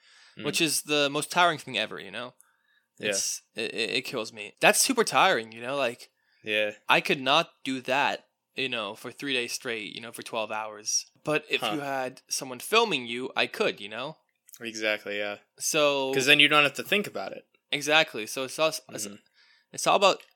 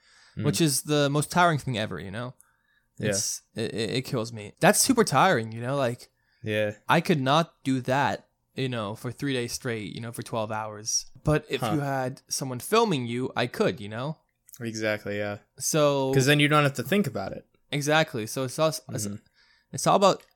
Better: second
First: thin; very slightly; fading below 300 Hz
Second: none

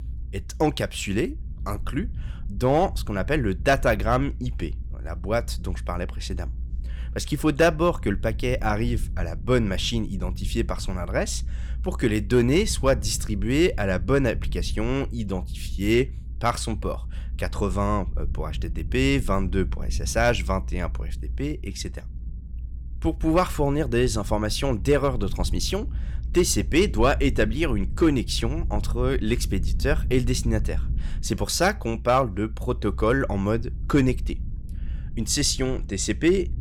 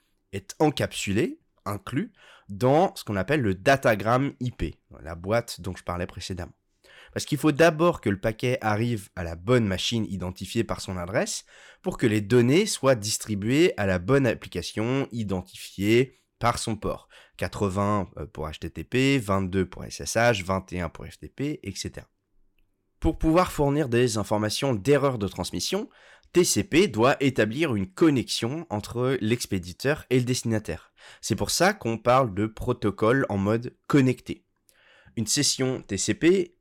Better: second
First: low rumble; faint; throughout; 25 dB below the speech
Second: none

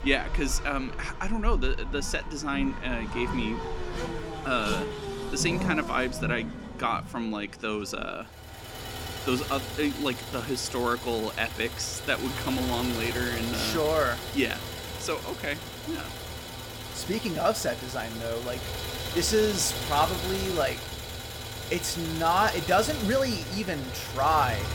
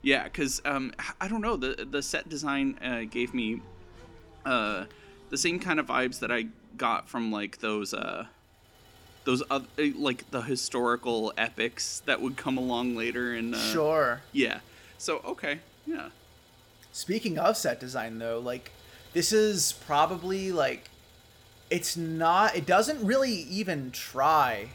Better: second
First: traffic noise; loud; throughout; 6 dB below the speech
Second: traffic noise; faint; throughout; 25 dB below the speech

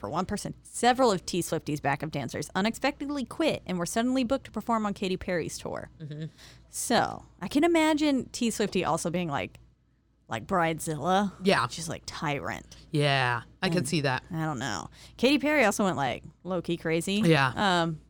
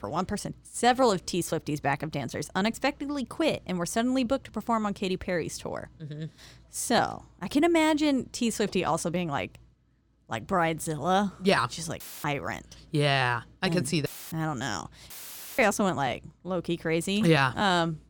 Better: first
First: none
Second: audio cutting out; filled with static; at 12 s, at 14 s and at 15 s

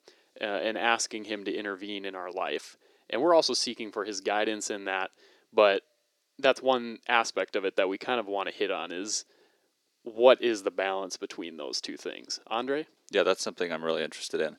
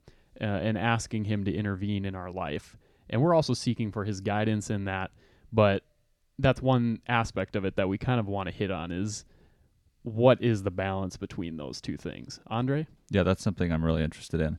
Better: second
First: thin; very; fading below 350 Hz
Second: none

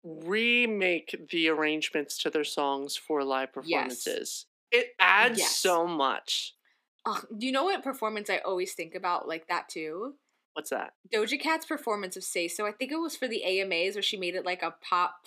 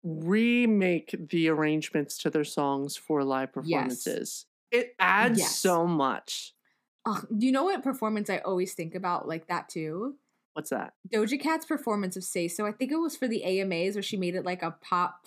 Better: second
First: thin; somewhat; fading below 400 Hz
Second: none

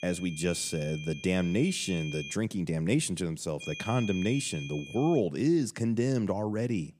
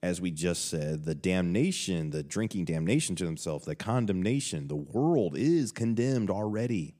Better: second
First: high-pitched whine; noticeable; until 2.5 s and from 3.5 to 5 s; 2.5 kHz, 10 dB below the speech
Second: none

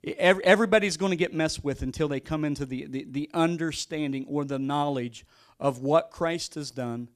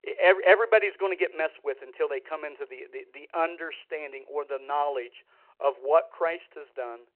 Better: first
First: none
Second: phone-call audio

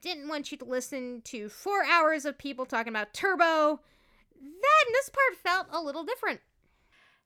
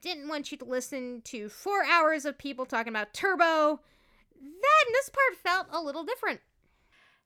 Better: neither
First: none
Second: none

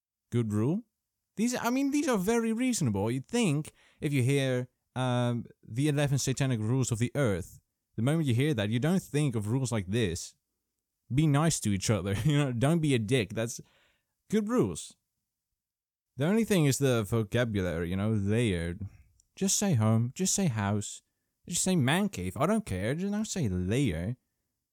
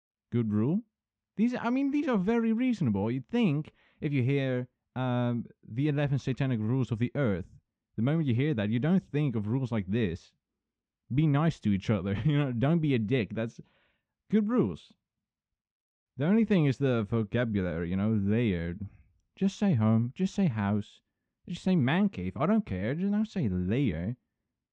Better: first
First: none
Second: muffled; very; fading above 3 kHz

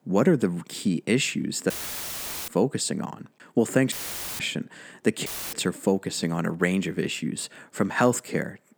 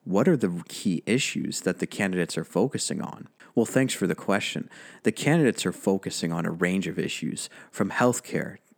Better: second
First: audio cutting out; filled with static; at 1.5 s for 1 s, at 4 s and at 5.5 s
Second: none

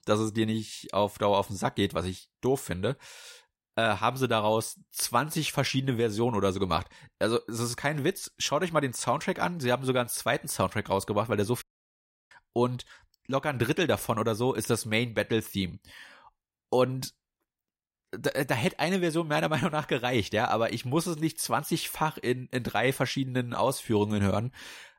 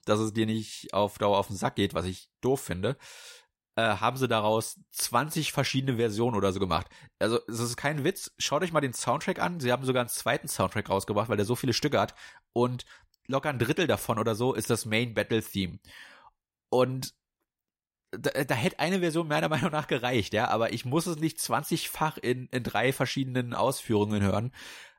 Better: second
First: audio cutting out; at 12 s for 0.5 s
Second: none

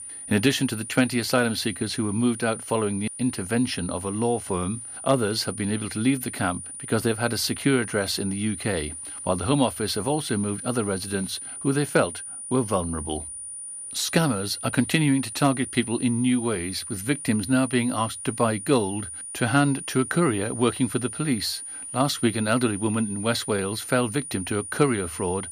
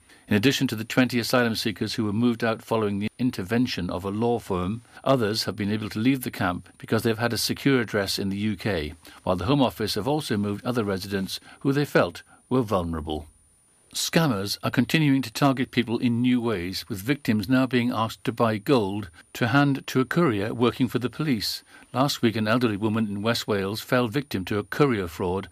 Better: second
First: high-pitched whine; loud; throughout; 9.5 kHz, 9 dB below the speech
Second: high-pitched whine; faint; throughout; 9.5 kHz, 35 dB below the speech

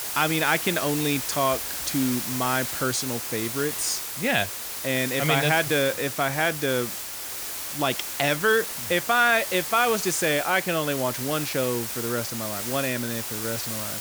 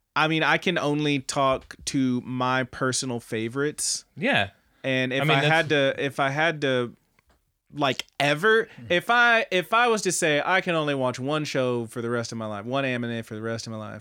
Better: second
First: hiss; loud; throughout; 4 dB below the speech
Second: none

